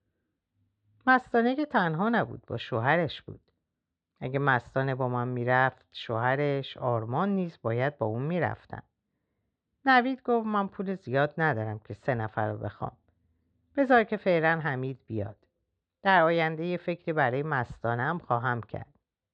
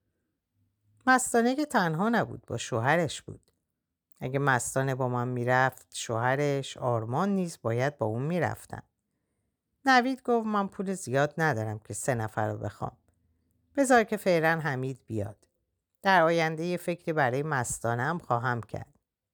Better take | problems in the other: second | muffled; slightly; fading above 4 kHz

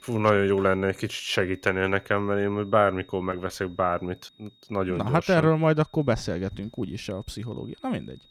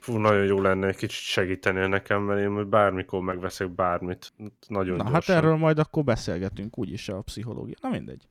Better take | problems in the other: second | high-pitched whine; faint; throughout; 3.5 kHz, 30 dB below the speech

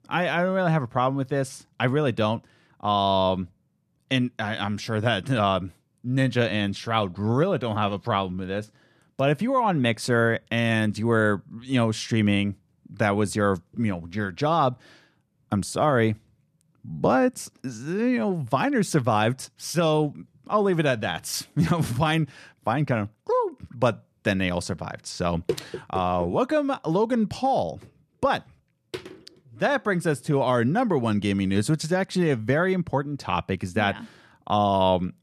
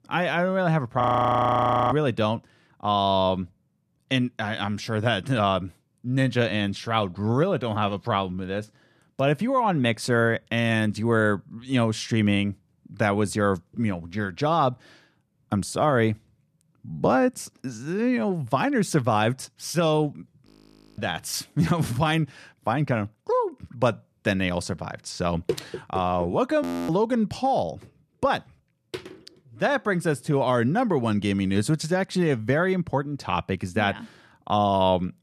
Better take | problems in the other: first | audio freezing; at 1 s for 1 s, at 20 s for 0.5 s and at 27 s

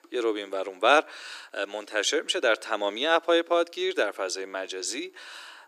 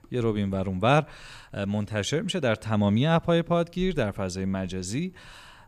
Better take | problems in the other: second | thin; very; fading below 300 Hz

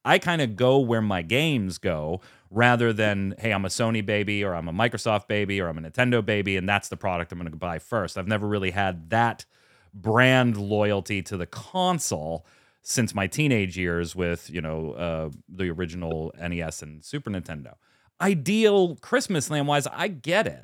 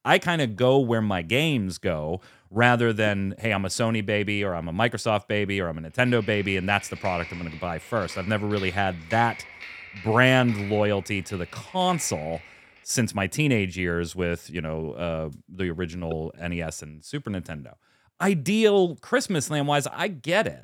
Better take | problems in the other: first | keyboard typing; faint; from 6 to 13 s; peak 10 dB below the speech

